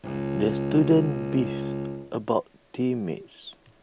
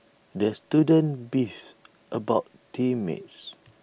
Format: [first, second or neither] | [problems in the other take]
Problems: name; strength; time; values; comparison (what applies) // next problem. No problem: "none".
second | background sound (Bowed string instrument); 5 dB below the speech